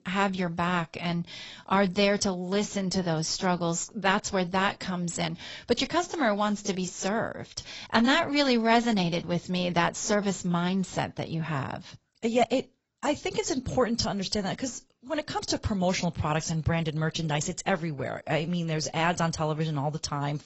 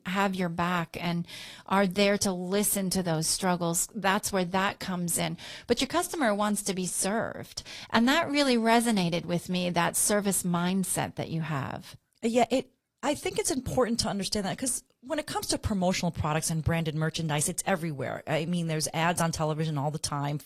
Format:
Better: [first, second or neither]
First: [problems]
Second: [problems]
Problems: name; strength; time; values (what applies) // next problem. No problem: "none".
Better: second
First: garbled, watery; badly; nothing above 8 kHz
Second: garbled, watery; slightly